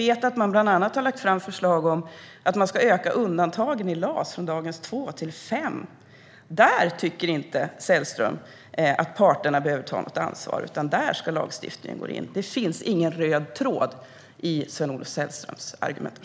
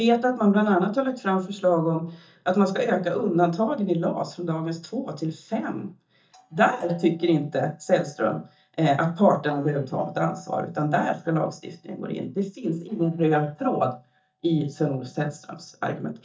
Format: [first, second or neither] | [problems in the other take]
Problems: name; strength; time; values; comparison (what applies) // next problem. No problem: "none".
first | noise reduction (neural mask model DeepFilterNet 3)